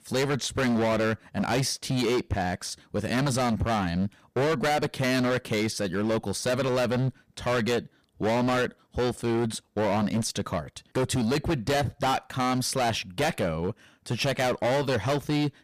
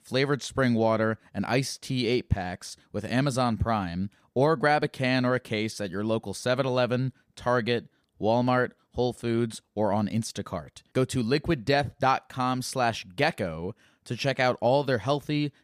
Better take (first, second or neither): second